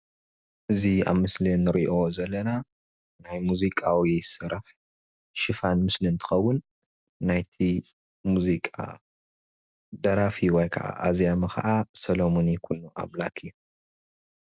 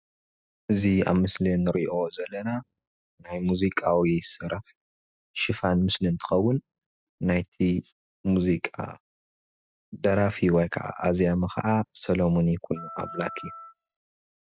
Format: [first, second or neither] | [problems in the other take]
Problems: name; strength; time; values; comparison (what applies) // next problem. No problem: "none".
first | noise reduction (classical method spectral subtraction)